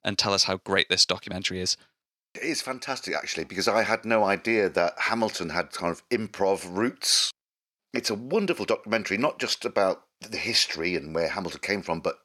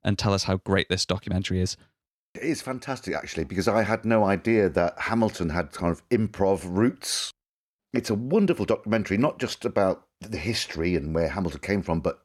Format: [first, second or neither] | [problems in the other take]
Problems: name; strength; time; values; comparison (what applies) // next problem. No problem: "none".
second | thin; very slightly; fading below 1 kHz